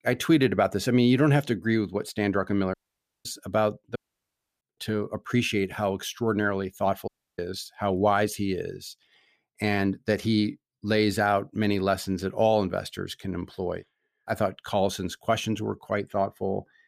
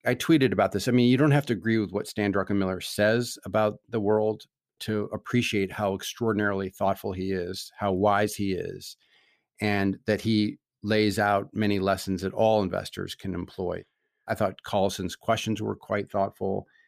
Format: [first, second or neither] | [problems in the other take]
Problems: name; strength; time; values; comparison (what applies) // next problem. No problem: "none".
second | audio cutting out; at 2.5 s for 0.5 s, at 4 s for 0.5 s and at 7 s